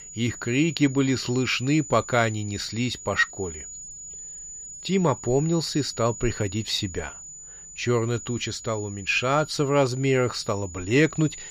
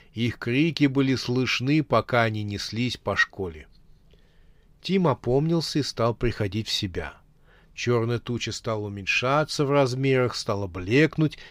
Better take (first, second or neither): second